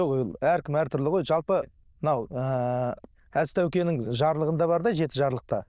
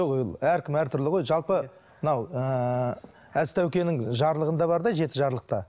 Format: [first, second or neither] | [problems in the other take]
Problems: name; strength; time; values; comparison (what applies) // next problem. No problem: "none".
second | noise reduction (neural diffusion model UNIVERSE++)